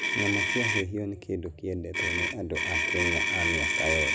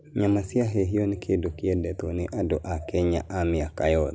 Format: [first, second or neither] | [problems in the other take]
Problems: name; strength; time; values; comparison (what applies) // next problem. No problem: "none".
second | background sound (Motor vehicle (road)); 3 dB above the speech